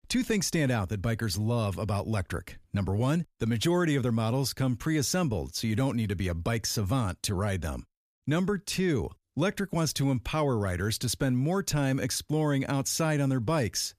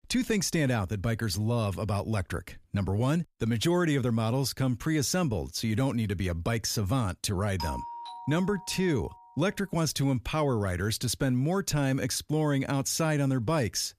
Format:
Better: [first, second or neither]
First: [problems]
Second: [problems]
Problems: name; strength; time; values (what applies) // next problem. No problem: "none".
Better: first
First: none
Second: doorbell; noticeable; from 7.5 to 9 s; peak 8 dB below the speech